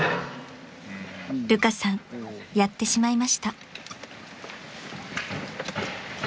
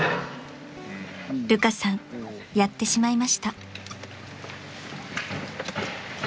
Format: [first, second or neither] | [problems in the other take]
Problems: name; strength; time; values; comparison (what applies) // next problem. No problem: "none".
first | background sound (Guitar); 19 dB below the speech